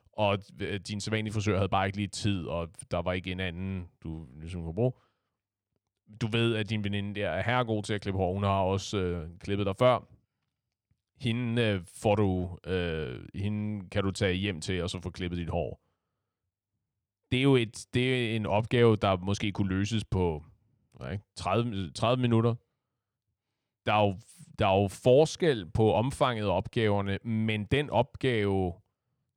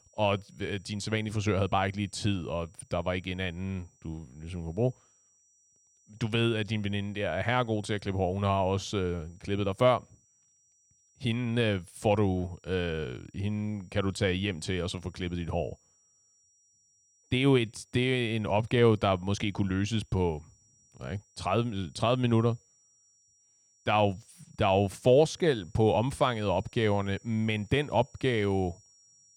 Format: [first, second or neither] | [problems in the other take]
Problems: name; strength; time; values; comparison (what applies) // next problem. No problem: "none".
first | high-pitched whine; faint; throughout; 5.5 kHz, 35 dB below the speech